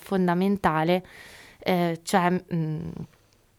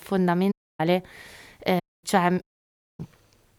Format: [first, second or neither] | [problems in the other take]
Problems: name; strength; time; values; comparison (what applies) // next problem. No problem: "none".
first | audio cutting out; at 0.5 s, at 2 s and at 2.5 s for 0.5 s